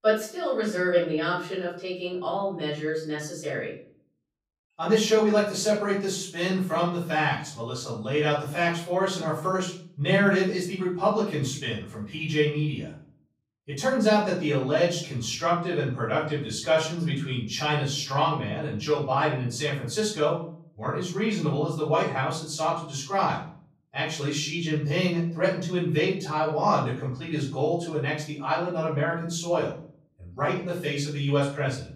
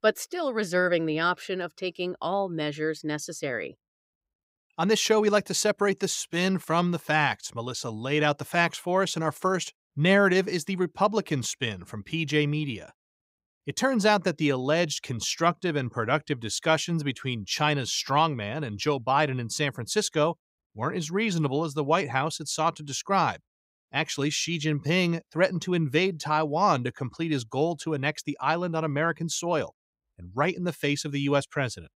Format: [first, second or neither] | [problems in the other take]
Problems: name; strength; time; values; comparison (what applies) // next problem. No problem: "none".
second | room echo; noticeable; dies away in 0.5 s // off-mic speech; far